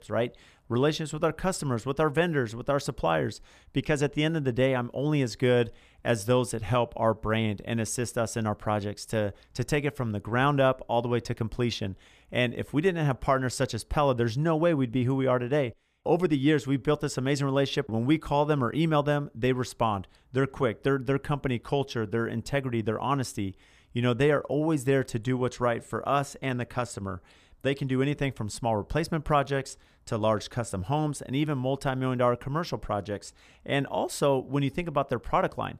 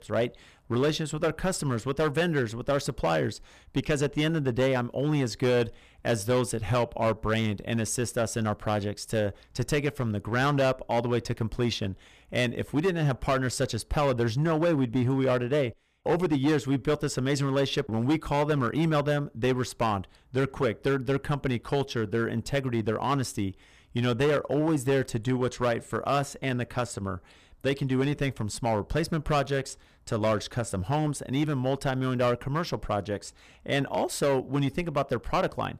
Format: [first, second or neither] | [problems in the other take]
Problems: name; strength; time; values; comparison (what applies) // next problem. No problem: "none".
first | distortion; slight; 7% of the sound clipped